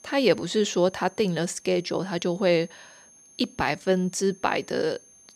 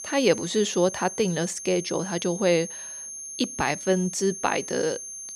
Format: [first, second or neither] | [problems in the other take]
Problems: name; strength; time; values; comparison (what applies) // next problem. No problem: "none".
first | high-pitched whine; loud; throughout; 6.5 kHz, 9 dB below the speech; faint in the first